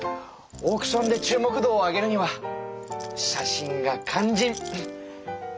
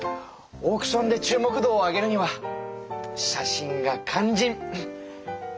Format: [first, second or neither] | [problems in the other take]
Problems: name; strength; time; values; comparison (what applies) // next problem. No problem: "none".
second | background sound (Rattle); 19 dB below the speech